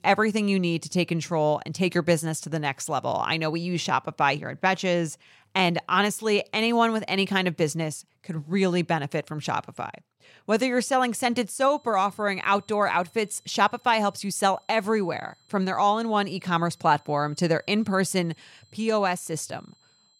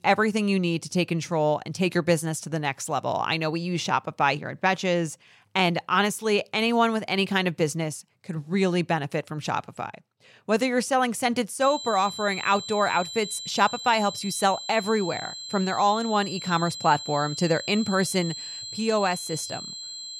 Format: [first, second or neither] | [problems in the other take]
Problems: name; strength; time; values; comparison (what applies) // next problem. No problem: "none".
first | high-pitched whine; loud; from 12 s on; 4 kHz, 9 dB below the speech; faint in the first